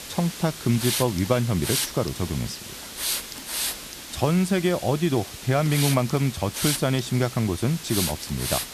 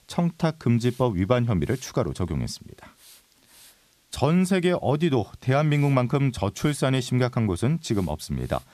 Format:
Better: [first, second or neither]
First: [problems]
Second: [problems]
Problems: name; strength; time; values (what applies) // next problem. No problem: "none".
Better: second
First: hiss; loud; throughout; 5 dB below the speech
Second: hiss; faint; throughout; 30 dB below the speech